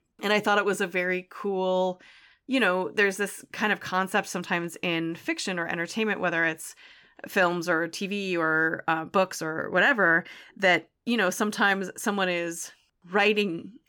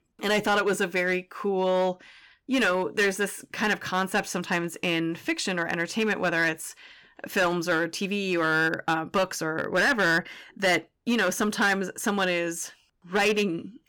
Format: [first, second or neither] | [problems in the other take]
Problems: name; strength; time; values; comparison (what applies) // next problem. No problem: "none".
first | distortion; slight; 6% of the sound clipped